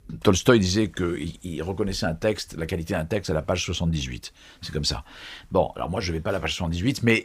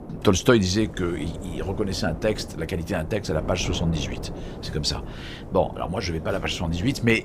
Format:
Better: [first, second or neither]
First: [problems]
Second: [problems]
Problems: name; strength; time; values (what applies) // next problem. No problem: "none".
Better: first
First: none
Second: wind noise on the microphone; occasional gusts; 15 dB below the speech